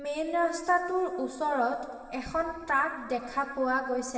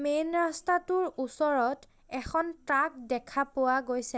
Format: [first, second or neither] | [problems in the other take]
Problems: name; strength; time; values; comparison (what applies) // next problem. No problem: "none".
second | room echo; dies away in 2.1 s